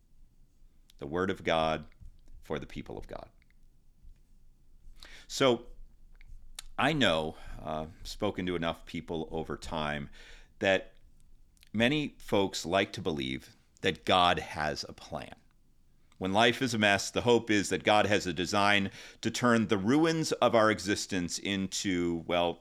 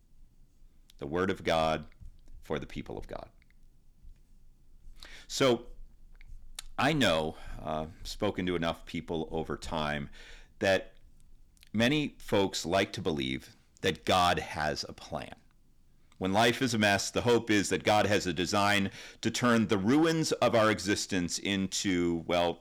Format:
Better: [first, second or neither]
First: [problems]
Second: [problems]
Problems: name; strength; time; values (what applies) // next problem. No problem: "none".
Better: first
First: none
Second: distortion; slight; 2% of the sound clipped